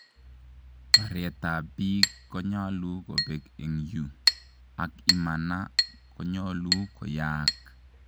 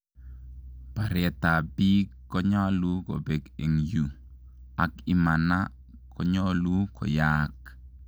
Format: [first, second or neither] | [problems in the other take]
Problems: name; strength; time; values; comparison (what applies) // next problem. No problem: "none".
second | background sound (Chink, clink); 1 dB above the speech